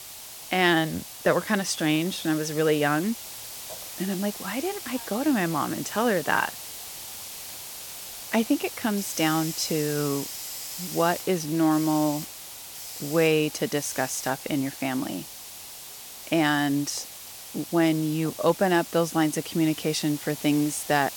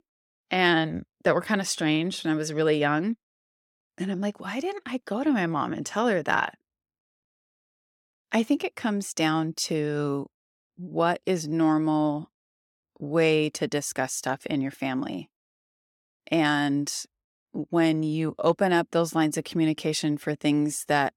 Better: second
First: hiss; noticeable; throughout; 10 dB below the speech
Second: none

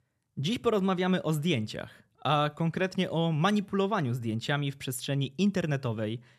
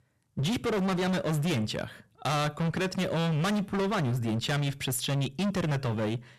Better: first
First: none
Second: distortion; heavy; 33% of the sound clipped

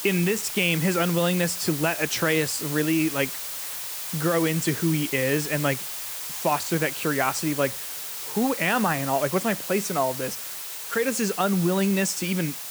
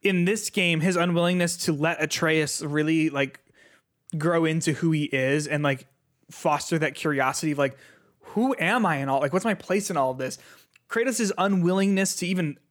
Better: second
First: hiss; loud; throughout; 6 dB below the speech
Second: none

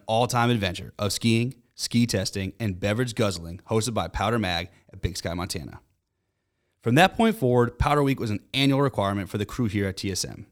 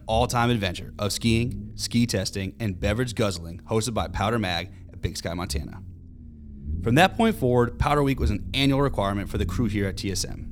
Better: first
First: none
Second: low rumble; faint; throughout; 25 dB below the speech

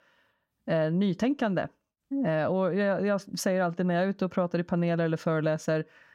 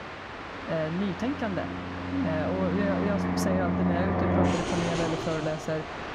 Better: first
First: none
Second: train or aircraft noise; very loud; throughout; 1 dB above the speech

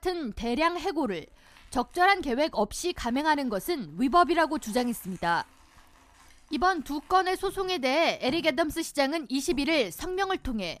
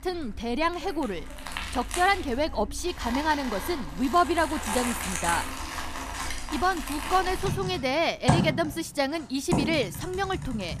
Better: first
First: household noises; faint; throughout; 30 dB below the speech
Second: household noises; loud; throughout; 5 dB below the speech

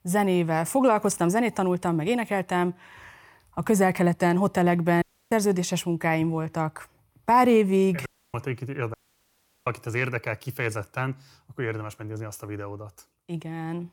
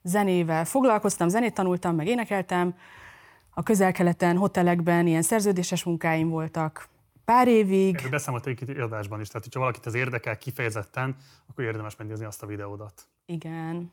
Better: second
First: audio cutting out; at 5 s, at 8 s and at 9 s for 0.5 s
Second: none

